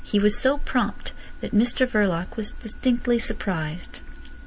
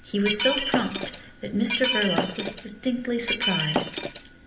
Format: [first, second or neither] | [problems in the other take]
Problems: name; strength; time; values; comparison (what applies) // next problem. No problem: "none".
first | background sound (Shatter); 1 dB below the speech // room echo; dies away in 0.8 s